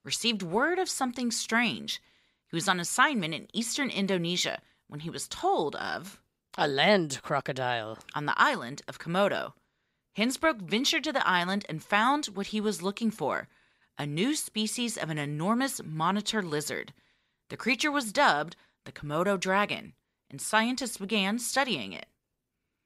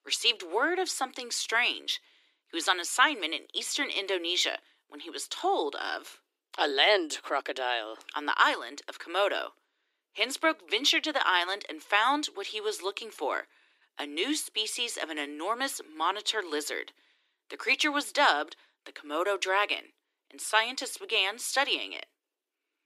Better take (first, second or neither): first